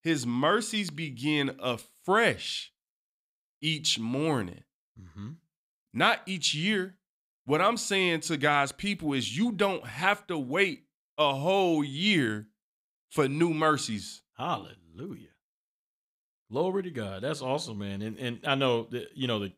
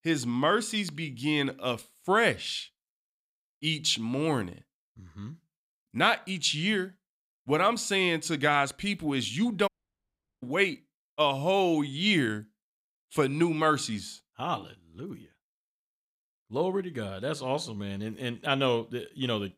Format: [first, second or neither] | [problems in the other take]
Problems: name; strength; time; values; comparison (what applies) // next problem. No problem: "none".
first | audio cutting out; at 9.5 s for 0.5 s